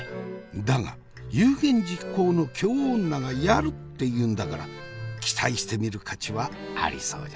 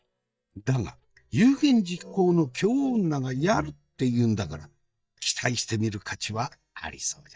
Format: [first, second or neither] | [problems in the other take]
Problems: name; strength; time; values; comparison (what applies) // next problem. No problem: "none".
first | noise reduction (neural mask model DeepFilterNet 3)